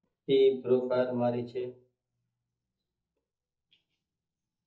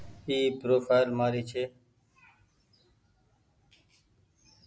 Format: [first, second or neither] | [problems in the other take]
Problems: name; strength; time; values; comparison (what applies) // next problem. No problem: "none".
second | noise reduction (neural mask model DeepFilterNet 3)